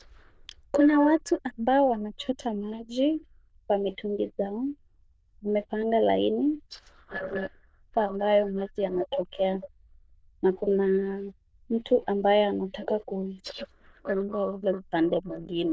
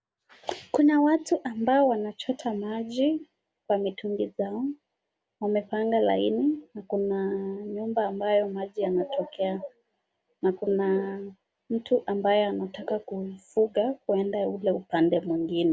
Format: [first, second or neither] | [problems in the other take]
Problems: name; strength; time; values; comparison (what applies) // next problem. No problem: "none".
second | noise reduction (neural diffusion model UNIVERSE++)